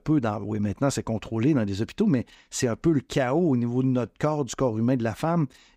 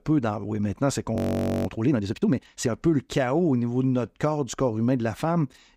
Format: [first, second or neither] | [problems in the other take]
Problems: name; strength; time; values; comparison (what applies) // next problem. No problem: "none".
first | audio freezing; at 1 s for 0.5 s